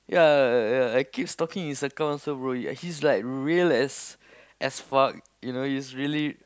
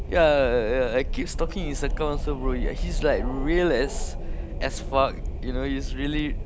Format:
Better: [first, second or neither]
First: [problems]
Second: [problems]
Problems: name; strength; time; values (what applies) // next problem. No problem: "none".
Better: first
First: none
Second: background sound (Wind); 2 dB below the speech